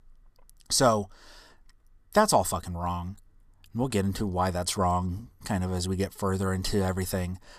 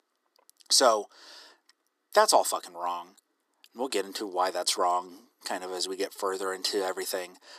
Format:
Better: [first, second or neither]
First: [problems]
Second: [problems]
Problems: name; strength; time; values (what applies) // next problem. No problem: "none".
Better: first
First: none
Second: thin; very; fading below 300 Hz